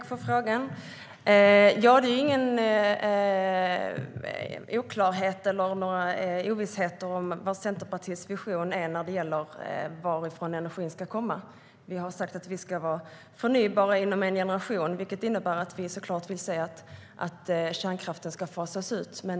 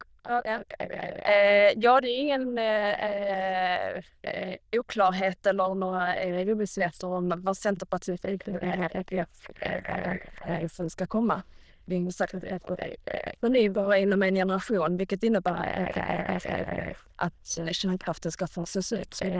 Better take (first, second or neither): first